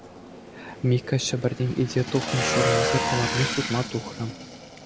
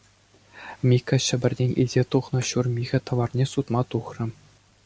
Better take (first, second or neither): second